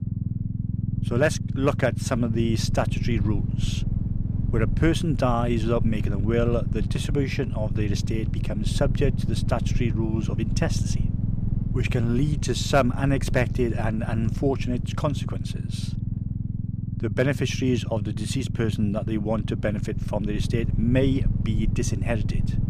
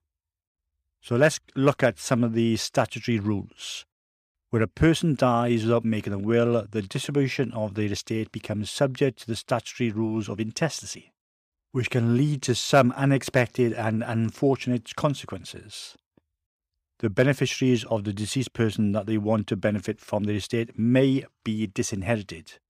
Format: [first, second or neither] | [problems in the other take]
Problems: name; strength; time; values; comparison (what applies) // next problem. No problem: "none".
second | low rumble; noticeable; throughout; 10 dB below the speech